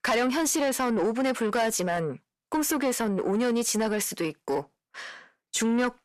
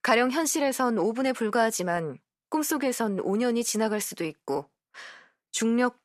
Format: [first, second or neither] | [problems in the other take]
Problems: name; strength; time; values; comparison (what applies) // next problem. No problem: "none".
second | distortion; slight; 10 dB below the speech